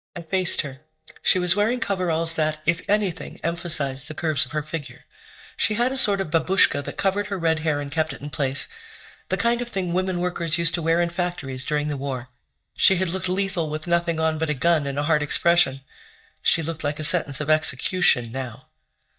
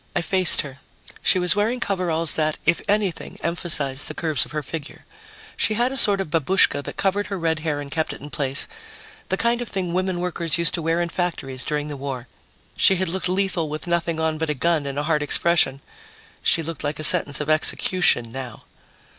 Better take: second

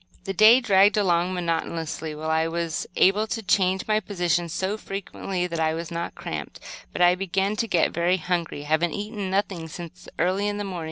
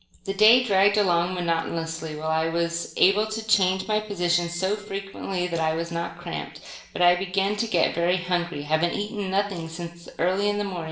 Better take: first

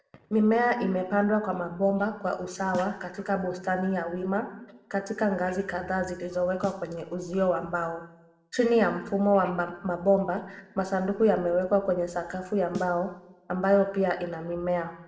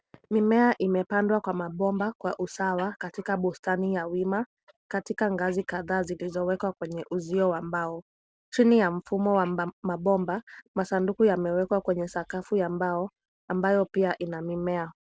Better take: second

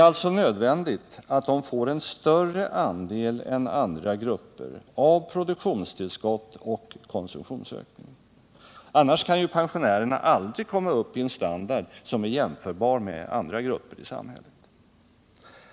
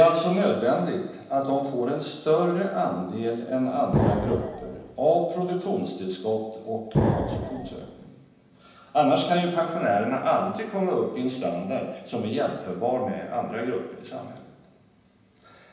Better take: first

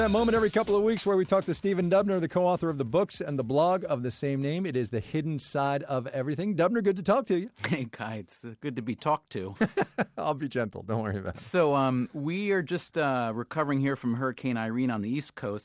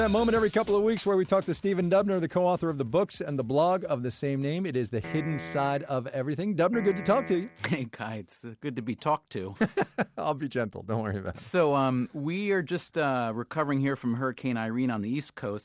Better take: first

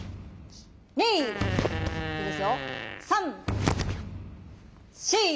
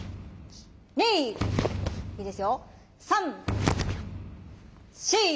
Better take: second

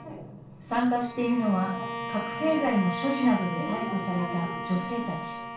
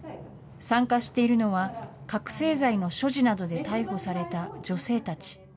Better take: second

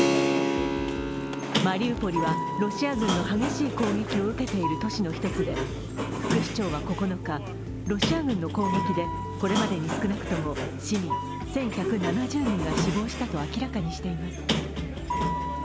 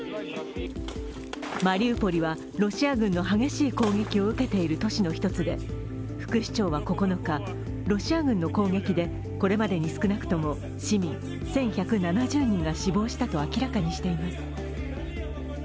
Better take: second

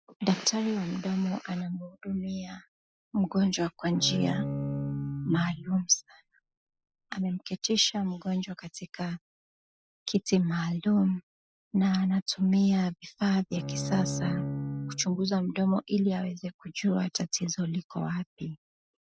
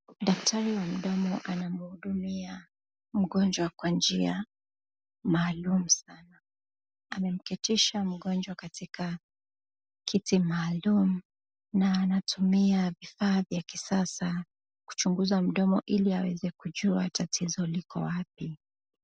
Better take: second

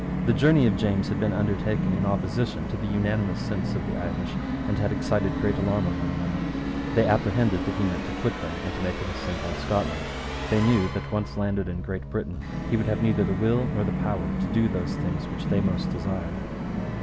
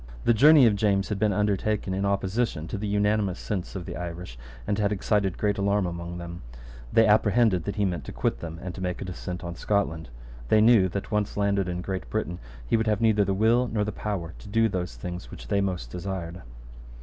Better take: second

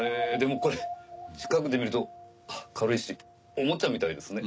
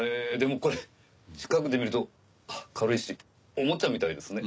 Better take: second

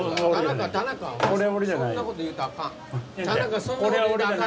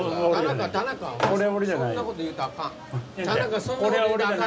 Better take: second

